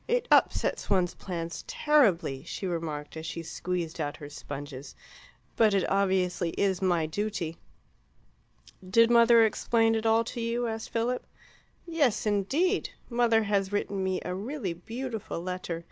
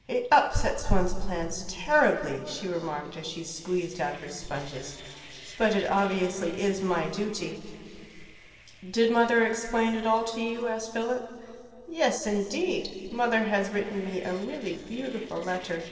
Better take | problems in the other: first | noise reduction (neural separator model SepFormer DNS4)

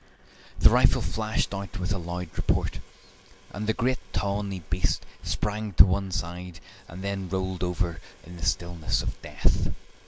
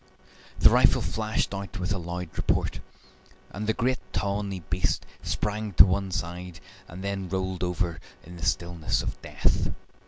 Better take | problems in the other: second | noise reduction (neural mask model Resemble Enhance denoiser)

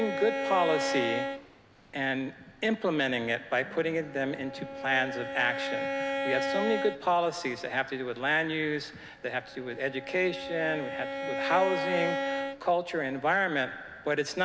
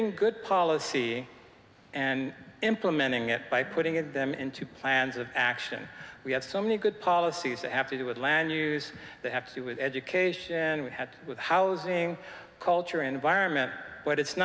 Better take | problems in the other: second | background sound (Bowed string instrument); 5 dB below the speech

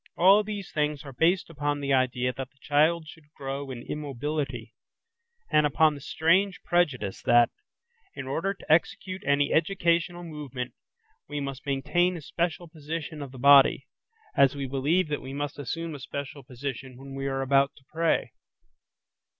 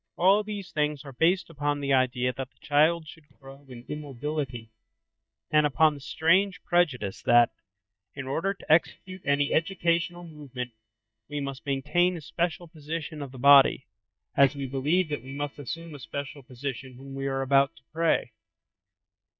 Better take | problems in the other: first | noise reduction (neural mask model DeepFilterNet 3)

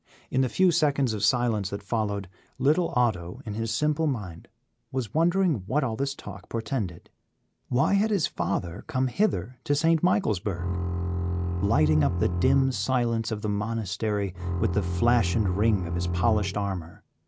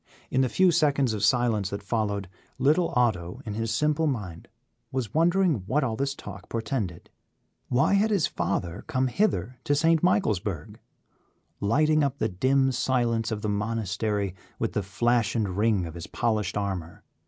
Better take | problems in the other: second | background sound (Bowed string instrument); 2 dB below the speech

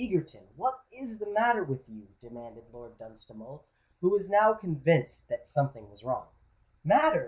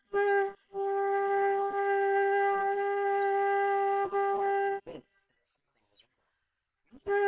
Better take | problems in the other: first | noise reduction (neural separator model SepFormer WHAM!)

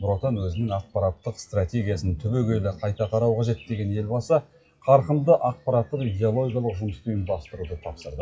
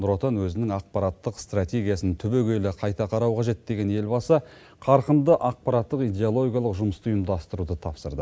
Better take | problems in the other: second | noise reduction (classical method WPE with log-MMSE)

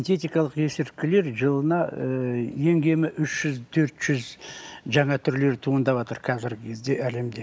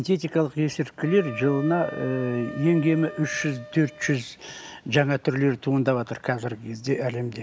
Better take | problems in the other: first | background sound (Wind instrument, woodwind instrument); 18 dB below the speech

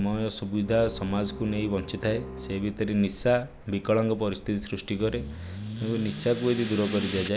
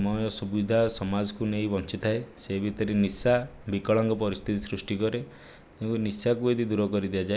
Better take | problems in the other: second | background sound (Bowed string instrument + Accelerating, revving, vroom / Car); 11 dB below the speech

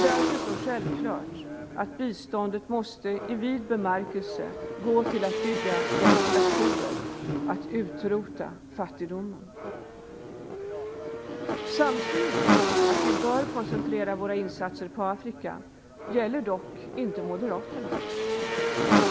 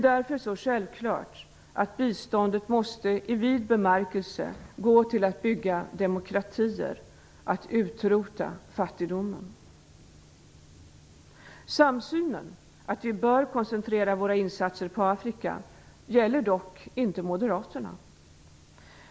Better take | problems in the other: second | background sound (Motorcycle / Engine); 2 dB above the speech

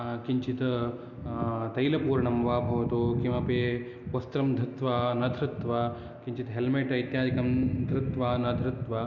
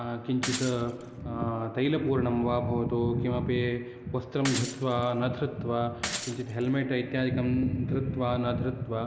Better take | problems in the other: first | background sound (Shatter / Crushing); 10 dB below the speech

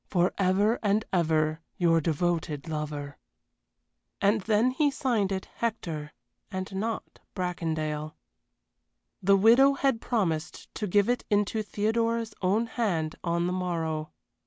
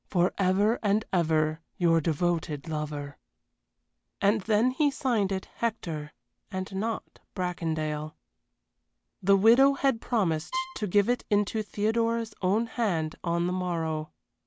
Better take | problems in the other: first | background sound (Bowed string instrument); 11 dB below the speech

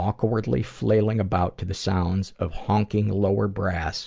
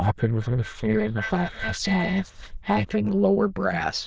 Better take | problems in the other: first | noise reduction (neural diffusion model UNIVERSE++)

